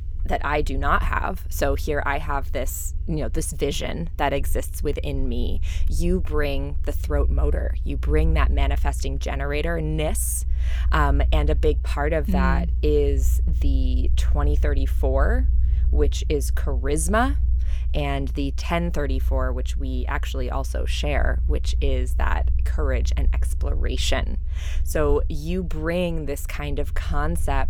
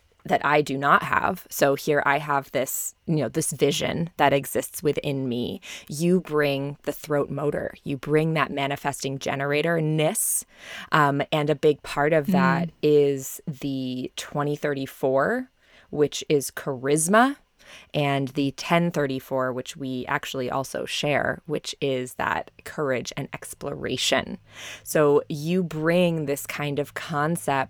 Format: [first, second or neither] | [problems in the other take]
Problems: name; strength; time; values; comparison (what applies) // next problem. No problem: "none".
second | low rumble; noticeable; throughout; 20 dB below the speech